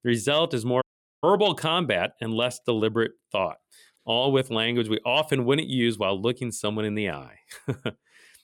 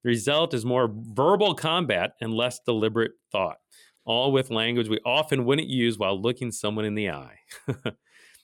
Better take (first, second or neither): second